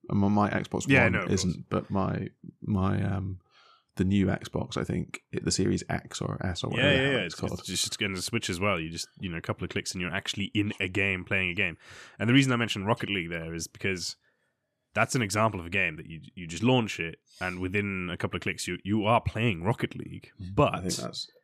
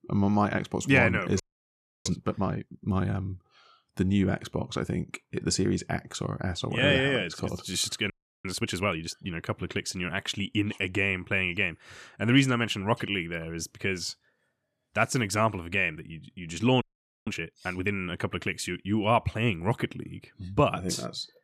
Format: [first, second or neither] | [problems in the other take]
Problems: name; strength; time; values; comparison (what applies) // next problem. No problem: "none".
first | audio freezing; at 1.5 s for 0.5 s, at 8 s and at 17 s